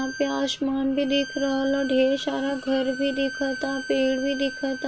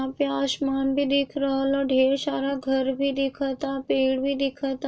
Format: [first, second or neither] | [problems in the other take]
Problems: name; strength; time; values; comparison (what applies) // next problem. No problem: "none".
second | background sound (Bowed string instrument); 12 dB below the speech